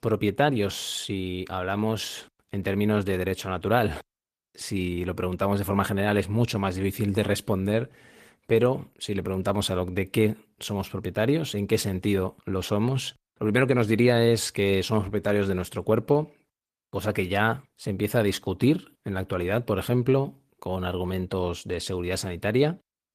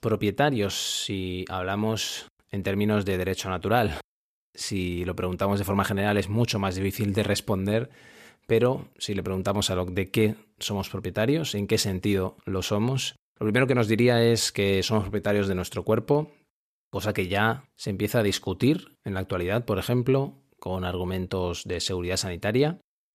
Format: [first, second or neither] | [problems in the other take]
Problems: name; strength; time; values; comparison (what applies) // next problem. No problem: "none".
second | garbled, watery; slightly; nothing above 14.5 kHz